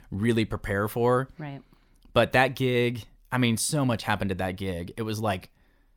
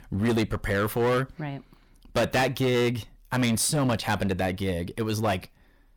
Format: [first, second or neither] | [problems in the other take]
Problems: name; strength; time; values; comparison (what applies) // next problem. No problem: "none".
first | distortion; heavy; 11% of the sound clipped